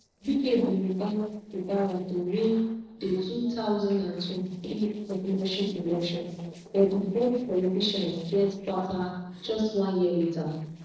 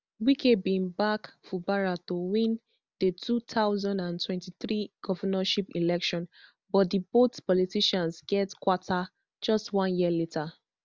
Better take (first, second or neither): second